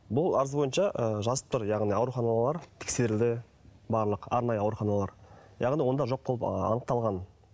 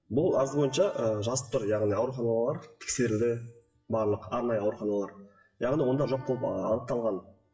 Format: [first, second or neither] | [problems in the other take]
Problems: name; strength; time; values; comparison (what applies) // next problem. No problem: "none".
first | noise reduction (classical method WPE with log-MMSE)